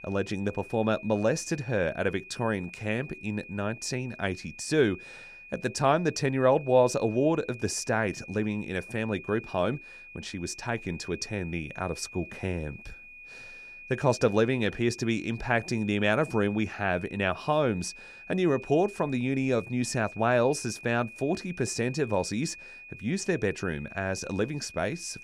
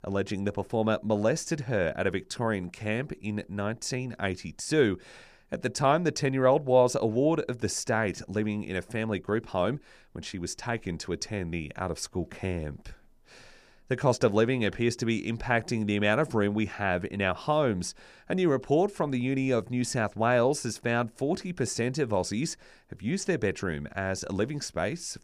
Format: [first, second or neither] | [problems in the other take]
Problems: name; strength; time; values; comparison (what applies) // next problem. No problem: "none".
second | high-pitched whine; noticeable; throughout; 2.5 kHz, 15 dB below the speech